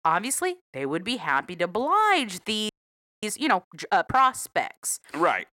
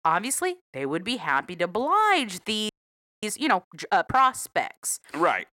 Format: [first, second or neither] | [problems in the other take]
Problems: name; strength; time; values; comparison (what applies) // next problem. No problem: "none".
neither | audio freezing; at 2.5 s for 0.5 s; the same in both